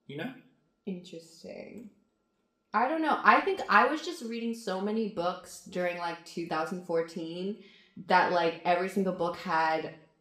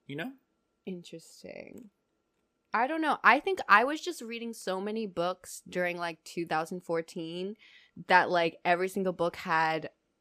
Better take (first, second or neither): second